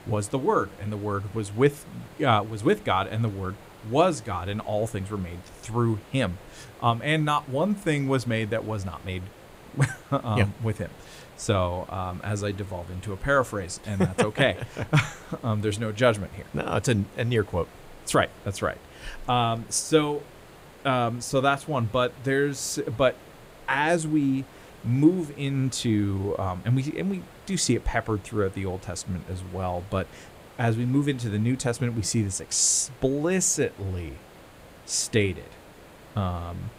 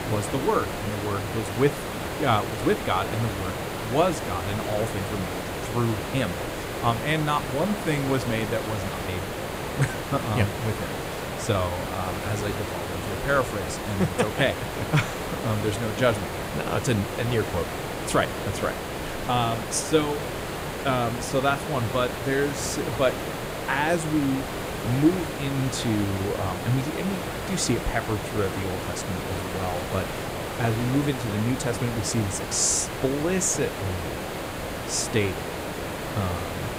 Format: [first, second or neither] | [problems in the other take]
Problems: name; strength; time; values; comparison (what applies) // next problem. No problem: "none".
first | hiss; loud; throughout; 4 dB below the speech; faint in the first